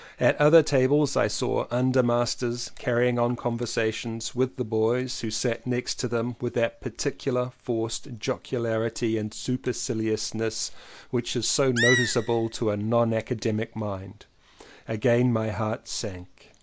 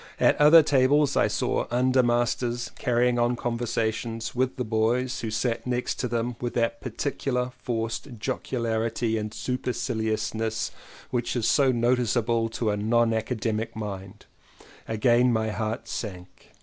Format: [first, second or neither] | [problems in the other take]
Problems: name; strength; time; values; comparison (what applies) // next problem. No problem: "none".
second | background sound (Animal); 4 dB below the speech